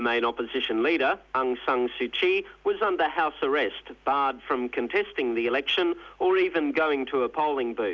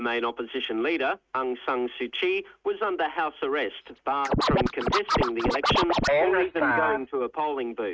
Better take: first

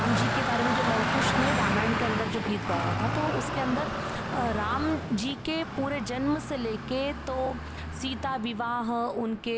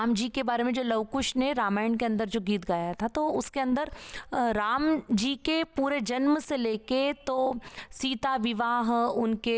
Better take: second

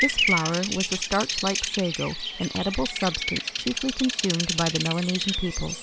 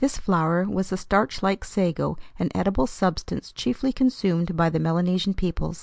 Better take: second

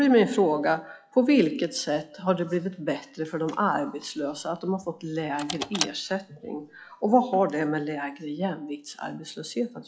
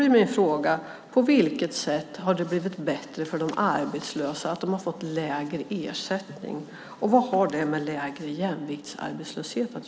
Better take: second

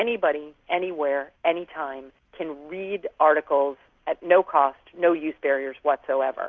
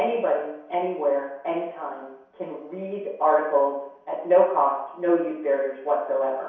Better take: first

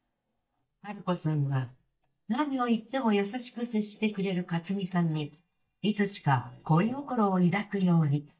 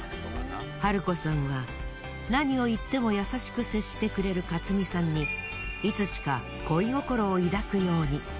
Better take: second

